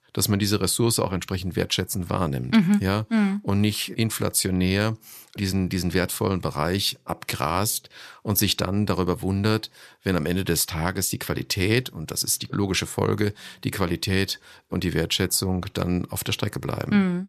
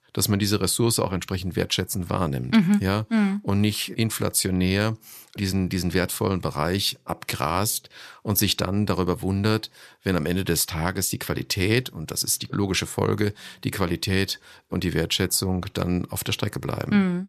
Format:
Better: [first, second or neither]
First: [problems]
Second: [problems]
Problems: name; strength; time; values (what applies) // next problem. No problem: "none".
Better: neither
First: none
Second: none